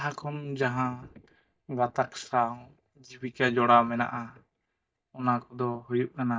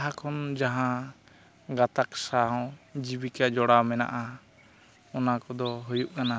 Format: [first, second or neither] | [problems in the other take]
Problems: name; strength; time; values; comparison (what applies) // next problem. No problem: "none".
second | noise reduction (neural mask model DeepFilterNet 3)